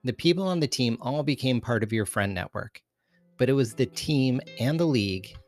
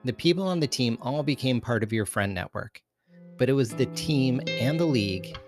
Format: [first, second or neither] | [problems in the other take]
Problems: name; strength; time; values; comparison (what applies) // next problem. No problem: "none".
first | background music; loud; throughout; 8 dB below the speech; faint in the first